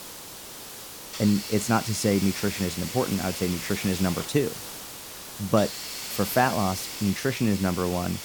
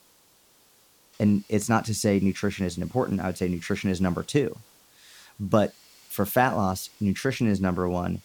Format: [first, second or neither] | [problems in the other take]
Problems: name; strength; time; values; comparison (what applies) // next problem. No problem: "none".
second | hiss; loud; throughout; 8 dB below the speech; faint in the second